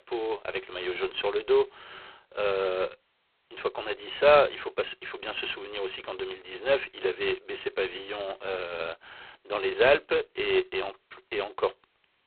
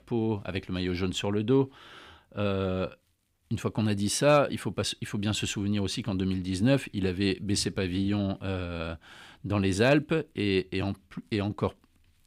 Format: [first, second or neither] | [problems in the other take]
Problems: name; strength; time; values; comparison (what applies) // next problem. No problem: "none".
second | phone-call audio; poor line; nothing above 4 kHz